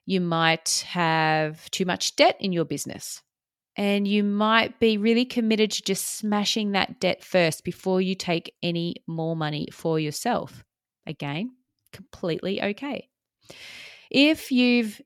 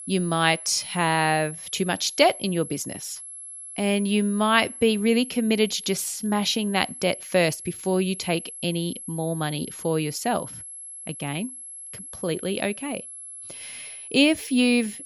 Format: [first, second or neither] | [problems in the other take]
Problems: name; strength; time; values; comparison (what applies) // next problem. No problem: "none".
first | high-pitched whine; noticeable; throughout; 11 kHz, 10 dB below the speech